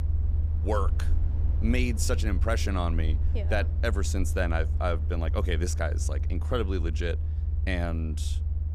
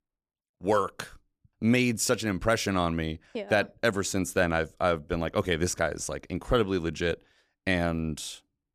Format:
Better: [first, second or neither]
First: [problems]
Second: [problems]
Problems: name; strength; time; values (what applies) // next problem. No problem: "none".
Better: second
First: low rumble; noticeable; throughout; 15 dB below the speech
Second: none